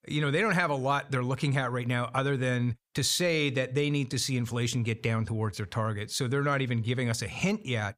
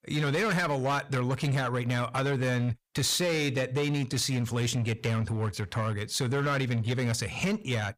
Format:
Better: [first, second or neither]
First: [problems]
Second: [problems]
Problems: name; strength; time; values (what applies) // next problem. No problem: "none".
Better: first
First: none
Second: distortion; slight; 16% of the sound clipped